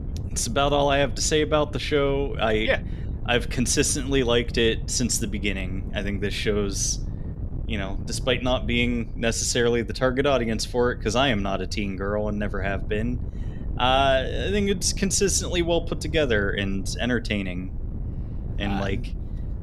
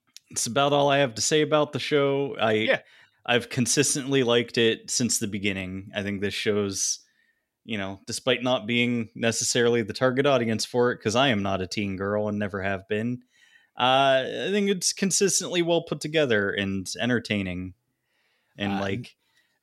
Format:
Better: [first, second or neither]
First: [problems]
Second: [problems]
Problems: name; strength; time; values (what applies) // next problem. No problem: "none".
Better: second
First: wind noise on the microphone; occasional gusts; 20 dB below the speech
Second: none